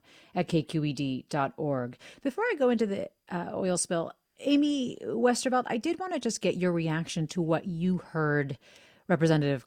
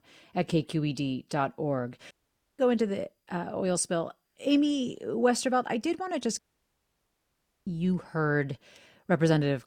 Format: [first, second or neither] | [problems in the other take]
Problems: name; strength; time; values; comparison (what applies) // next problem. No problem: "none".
first | audio cutting out; at 2 s and at 6.5 s for 1.5 s